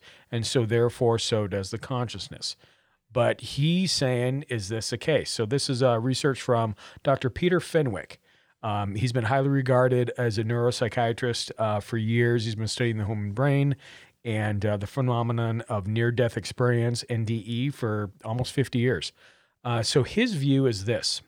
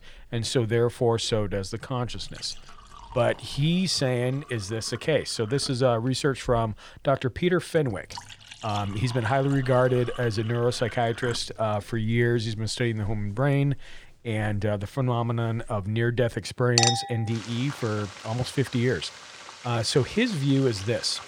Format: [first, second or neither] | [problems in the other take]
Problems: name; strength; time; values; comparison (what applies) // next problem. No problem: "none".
first | household noises; loud; throughout; 9 dB below the speech